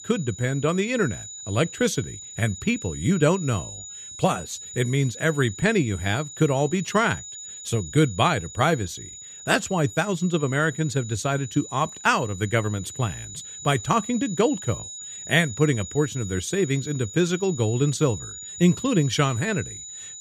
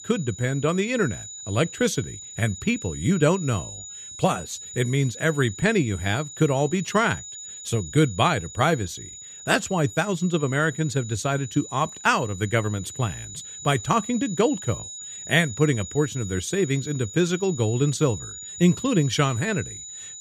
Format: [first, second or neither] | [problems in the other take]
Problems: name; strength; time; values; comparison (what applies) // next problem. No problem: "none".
neither | high-pitched whine; noticeable; throughout; 7 kHz, 10 dB below the speech; the same in both